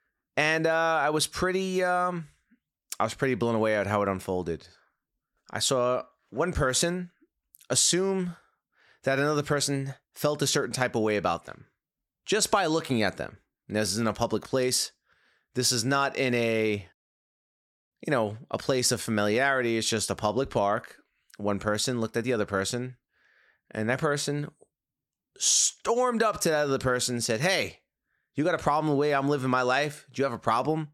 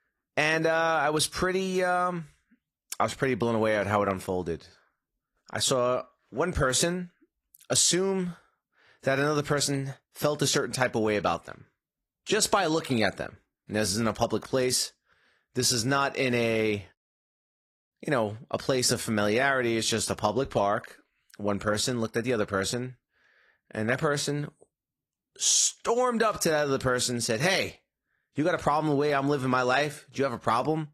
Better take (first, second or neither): first